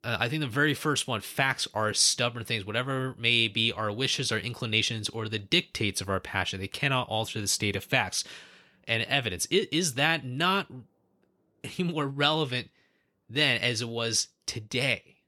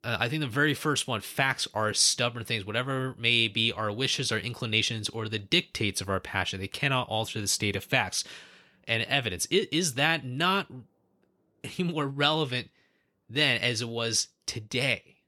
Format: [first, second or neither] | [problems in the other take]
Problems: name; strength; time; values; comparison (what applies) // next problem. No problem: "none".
neither | none